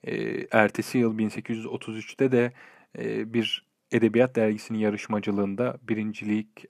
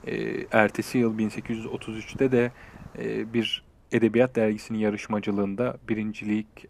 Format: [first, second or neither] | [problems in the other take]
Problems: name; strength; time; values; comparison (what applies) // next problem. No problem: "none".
first | wind in the background; faint; throughout; 25 dB below the speech